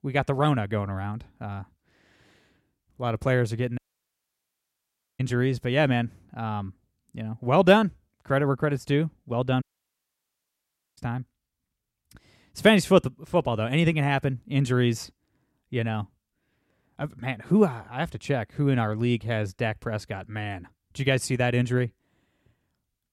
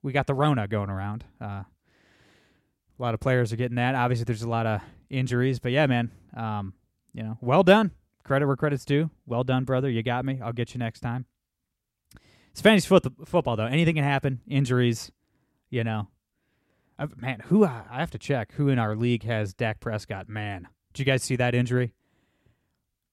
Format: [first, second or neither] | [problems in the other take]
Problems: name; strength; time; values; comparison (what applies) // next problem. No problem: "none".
second | audio cutting out; at 4 s for 1.5 s and at 9.5 s for 1.5 s